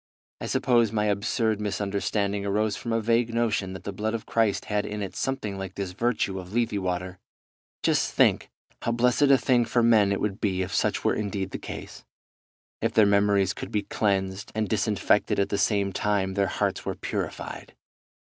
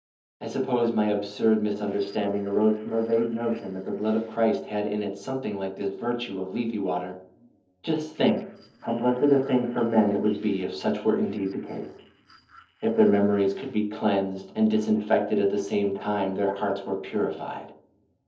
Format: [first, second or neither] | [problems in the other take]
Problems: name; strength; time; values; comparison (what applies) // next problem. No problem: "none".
first | noise reduction (neural separator model SepFormer DNS4)